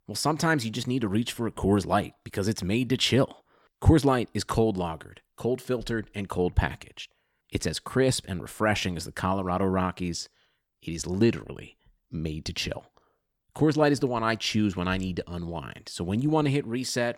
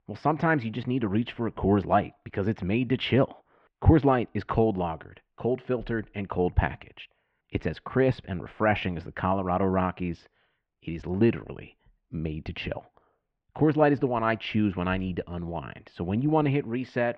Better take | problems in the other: first | muffled; very; fading above 2.5 kHz

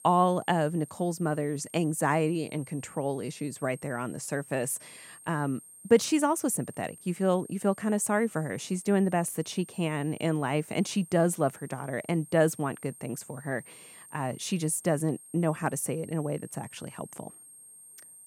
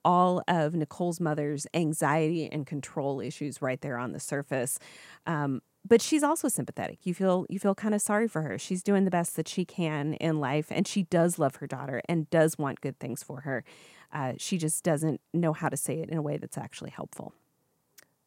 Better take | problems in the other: second | high-pitched whine; noticeable; throughout; 8.5 kHz, 20 dB below the speech

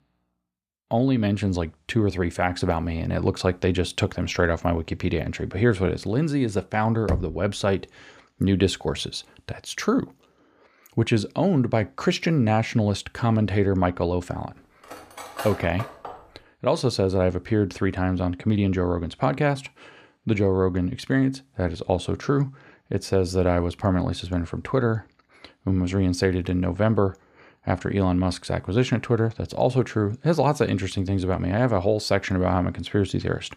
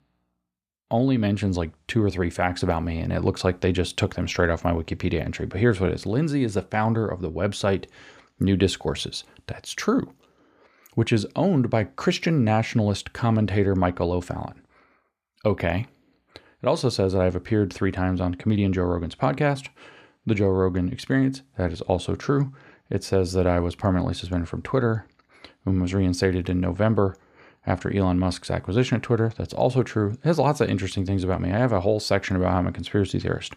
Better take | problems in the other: second | door banging; noticeable; at 7 s; peak 5 dB below the speech // clattering dishes; noticeable; from 15 to 16 s; peak 10 dB below the speech

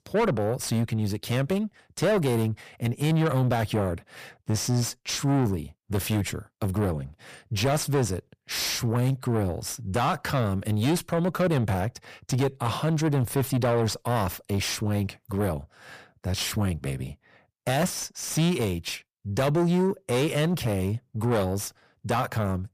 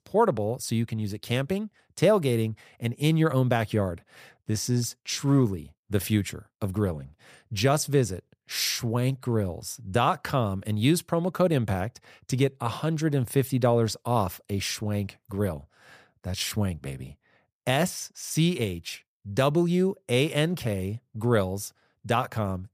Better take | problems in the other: second | distortion; heavy; 8 dB below the speech

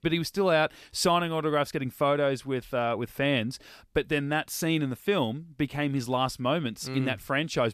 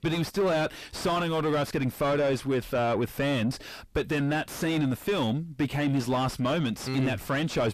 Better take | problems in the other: first | distortion; heavy; 5 dB below the speech

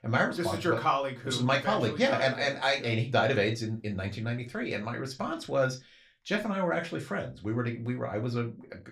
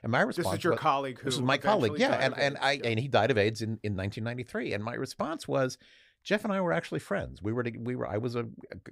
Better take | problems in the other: second | room echo; very slight; dies away in 0.2 s // off-mic speech; somewhat distant

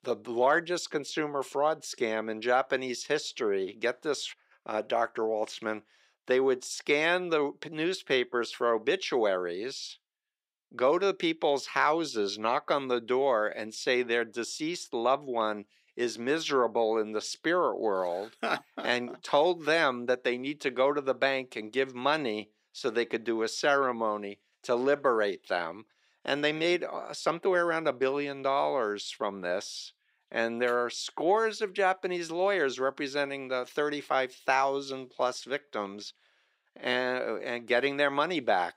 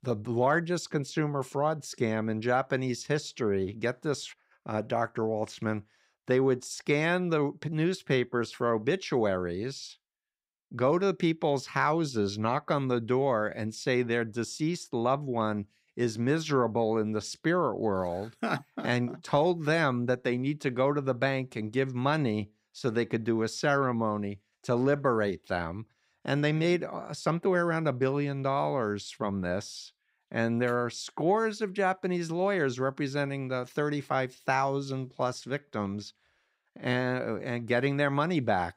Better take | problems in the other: second | thin; somewhat; fading below 400 Hz

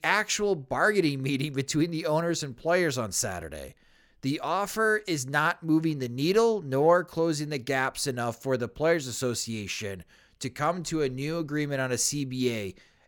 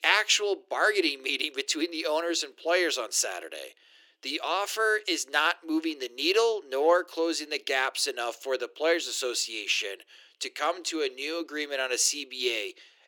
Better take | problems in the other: first | thin; very; fading below 350 Hz

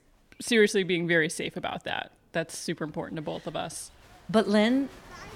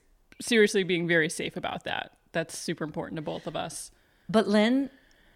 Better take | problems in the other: second | crowd noise; faint; throughout; 25 dB below the speech

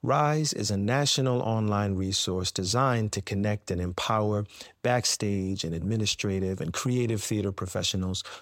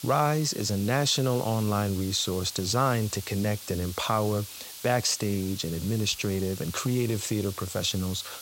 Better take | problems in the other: first | hiss; noticeable; throughout; 10 dB below the speech

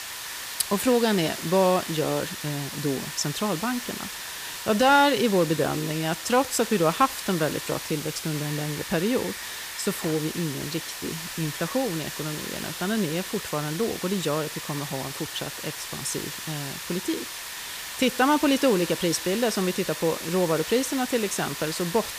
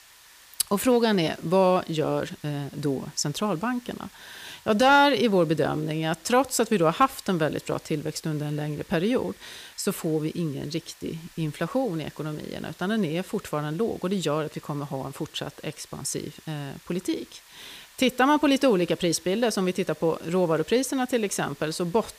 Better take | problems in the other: second | hiss; loud; throughout; 7 dB below the speech; faint in the second

